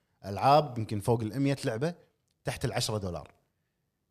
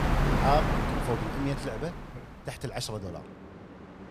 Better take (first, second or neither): first